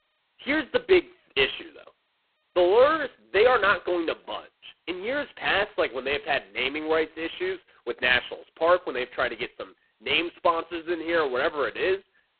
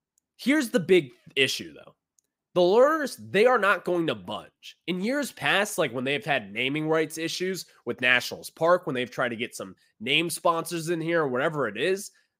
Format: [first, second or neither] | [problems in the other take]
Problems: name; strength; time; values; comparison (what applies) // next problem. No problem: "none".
second | phone-call audio; poor line; nothing above 4 kHz